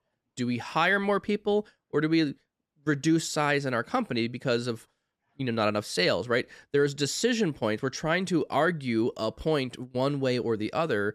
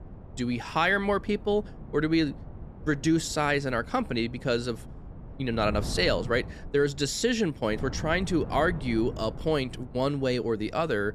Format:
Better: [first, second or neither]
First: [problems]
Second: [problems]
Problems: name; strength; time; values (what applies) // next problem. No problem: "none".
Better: first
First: none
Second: wind noise on the microphone; occasional gusts; 20 dB below the speech